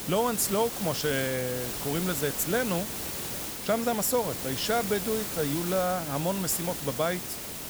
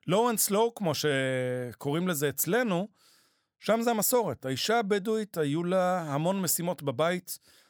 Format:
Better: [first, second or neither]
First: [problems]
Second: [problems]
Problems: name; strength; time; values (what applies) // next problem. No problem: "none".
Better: second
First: hiss; loud; throughout; 4 dB below the speech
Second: none